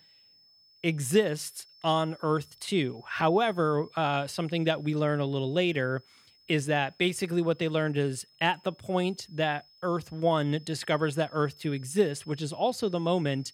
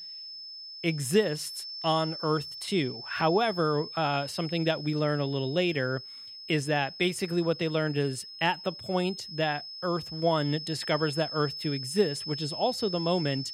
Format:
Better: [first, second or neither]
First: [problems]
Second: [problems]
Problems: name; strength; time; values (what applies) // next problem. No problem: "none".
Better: first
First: high-pitched whine; faint; throughout; 5 kHz, 25 dB below the speech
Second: high-pitched whine; loud; throughout; 5 kHz, 9 dB below the speech